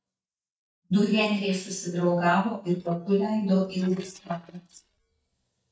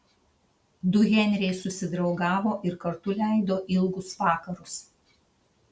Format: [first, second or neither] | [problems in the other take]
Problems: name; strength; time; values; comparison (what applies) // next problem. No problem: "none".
second | noise reduction (neural mask model DeepFilterNet 3)